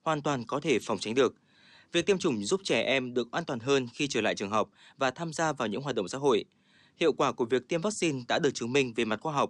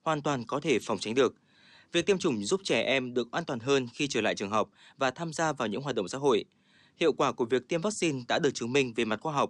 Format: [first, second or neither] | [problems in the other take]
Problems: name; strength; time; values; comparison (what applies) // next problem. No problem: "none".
neither | none